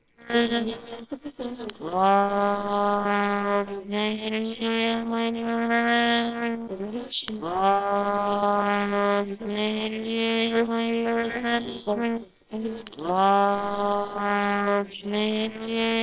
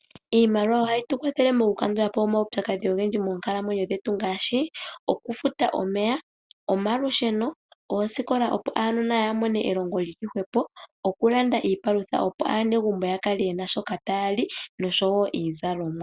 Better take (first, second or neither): second